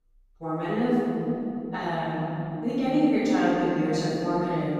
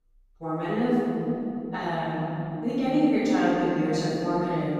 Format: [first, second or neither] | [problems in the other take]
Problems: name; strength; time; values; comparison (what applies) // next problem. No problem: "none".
neither | room echo; strong; dies away in 3 s; the same in both // off-mic speech; far; the same in both